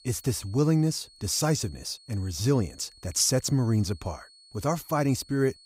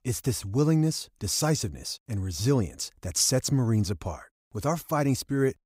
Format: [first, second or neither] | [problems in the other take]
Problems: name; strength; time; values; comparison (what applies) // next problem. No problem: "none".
second | high-pitched whine; faint; throughout; 4.5 kHz, 25 dB below the speech